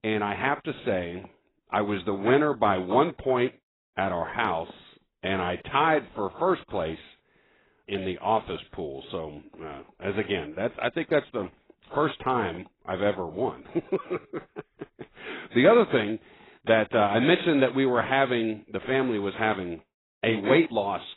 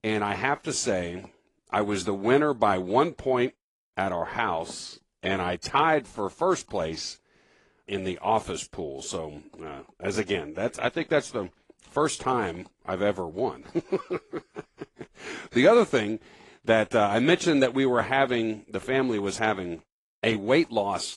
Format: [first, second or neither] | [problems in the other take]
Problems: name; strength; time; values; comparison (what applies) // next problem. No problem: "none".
second | garbled, watery; badly; nothing above 4 kHz; slightly in the second